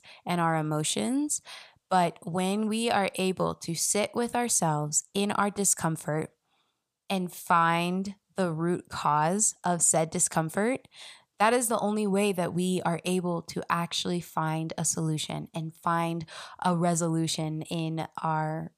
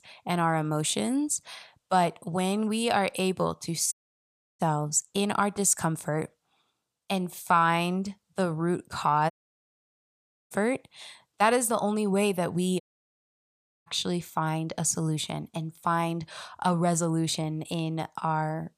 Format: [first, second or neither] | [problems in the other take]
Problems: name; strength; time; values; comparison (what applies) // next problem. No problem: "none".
first | audio cutting out; at 4 s for 0.5 s, at 9.5 s for 1 s and at 13 s for 1 s